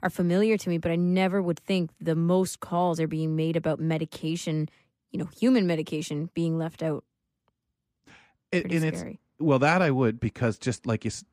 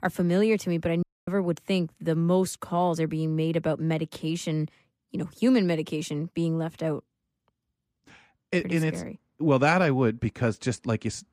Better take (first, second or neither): first